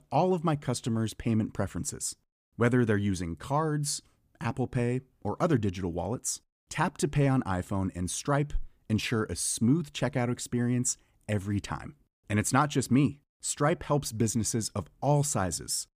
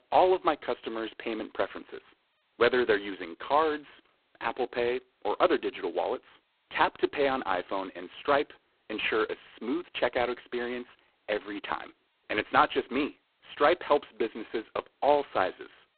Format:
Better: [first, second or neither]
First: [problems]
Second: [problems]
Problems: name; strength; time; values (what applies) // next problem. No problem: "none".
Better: first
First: none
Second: phone-call audio; poor line; nothing above 4 kHz